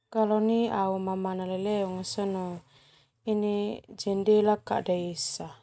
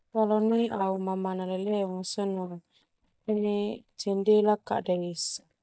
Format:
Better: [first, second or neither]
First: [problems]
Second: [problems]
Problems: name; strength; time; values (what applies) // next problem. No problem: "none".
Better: first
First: none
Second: noise reduction (neural mask model DeepFilterNet 3)